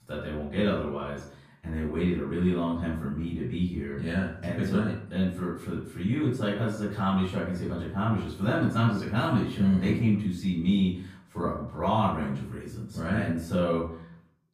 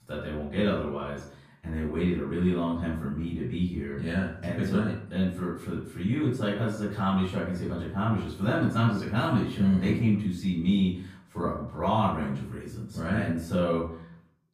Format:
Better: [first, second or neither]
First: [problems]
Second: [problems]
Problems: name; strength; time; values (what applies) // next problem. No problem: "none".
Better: neither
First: off-mic speech; far // room echo; noticeable; dies away in 0.5 s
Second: off-mic speech; far // room echo; noticeable; dies away in 0.5 s